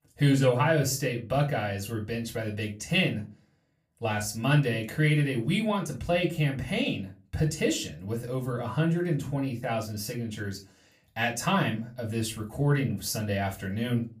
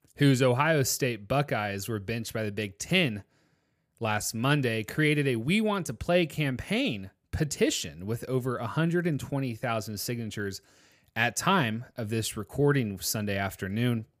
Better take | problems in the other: second | off-mic speech; far // room echo; very slight; dies away in 0.2 s

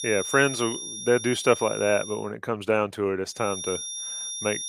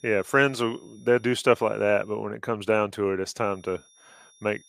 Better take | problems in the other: second | high-pitched whine; loud; until 2 s and from 3.5 s on; 5.5 kHz, 7 dB below the speech; faint in the second

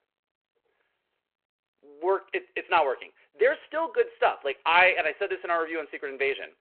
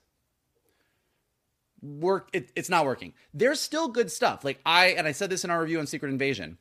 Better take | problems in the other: second | phone-call audio

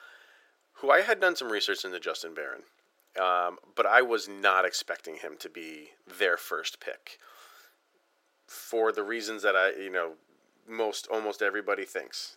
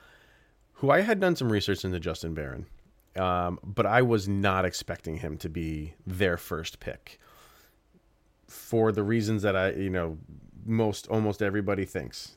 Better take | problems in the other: second | thin; very; fading below 400 Hz

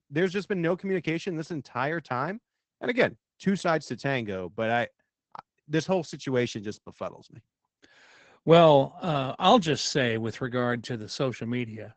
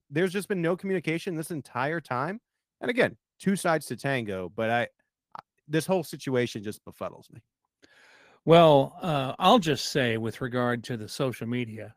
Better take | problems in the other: second | garbled, watery; badly; nothing above 7.5 kHz; slightly in the second

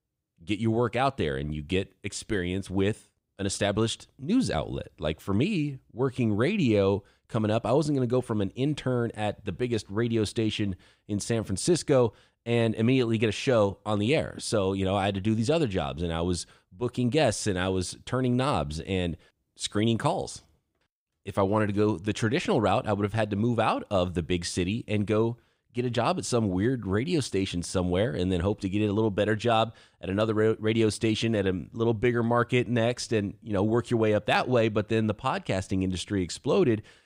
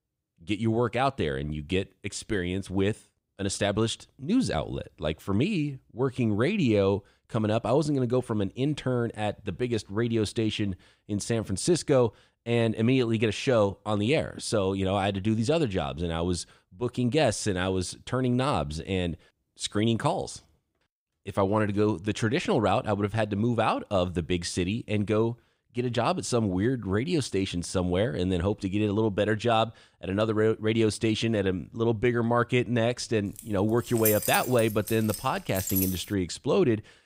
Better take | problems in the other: first | jangling keys; loud; from 33 to 36 s; peak 1 dB above the speech

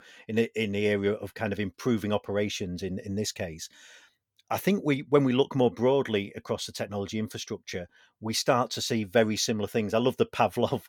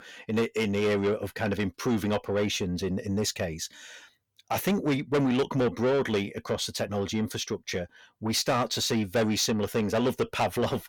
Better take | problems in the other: first | distortion; heavy; 8 dB below the speech

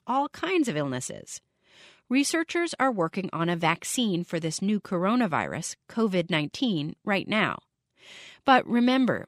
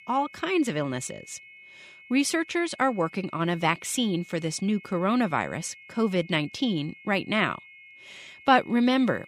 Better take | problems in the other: first | high-pitched whine; faint; throughout; 2 kHz, 20 dB below the speech

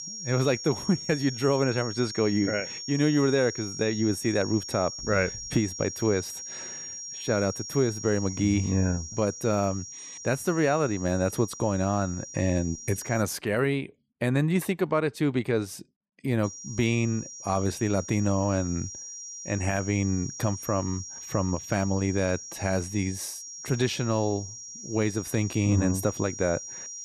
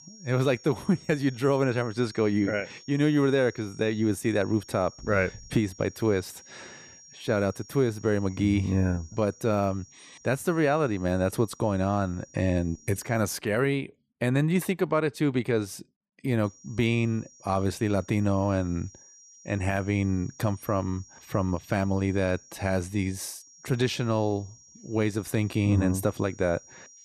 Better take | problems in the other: second | high-pitched whine; loud; until 13 s and from 16 s on; 5.5 kHz, 9 dB below the speech; faint in the second

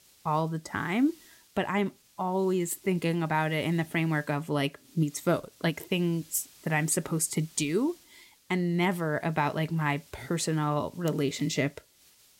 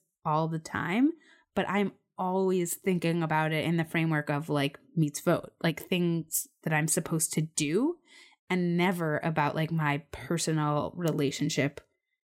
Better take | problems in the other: second | hiss; faint; throughout; 25 dB below the speech

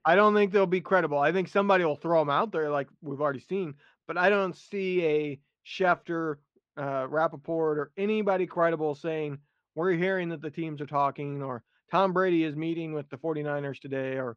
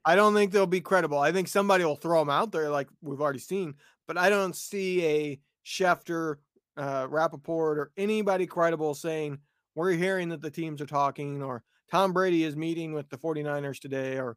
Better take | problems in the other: second | muffled; slightly; fading above 3.5 kHz

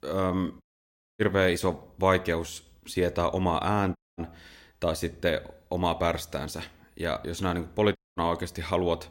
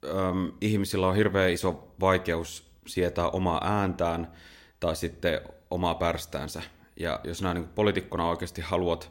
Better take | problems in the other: second | audio cutting out; at 0.5 s for 0.5 s, at 4 s and at 8 s

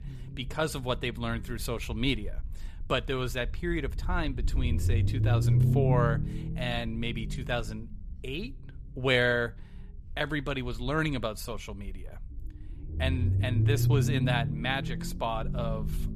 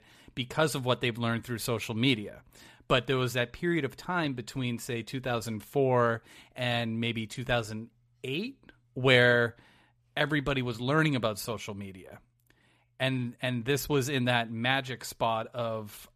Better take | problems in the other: second | low rumble; loud; throughout; 9 dB below the speech

